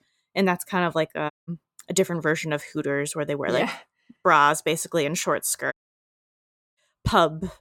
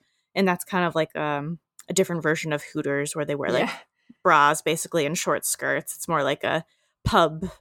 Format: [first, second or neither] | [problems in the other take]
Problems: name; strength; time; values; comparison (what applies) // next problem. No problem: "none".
second | audio cutting out; at 1.5 s and at 5.5 s for 1 s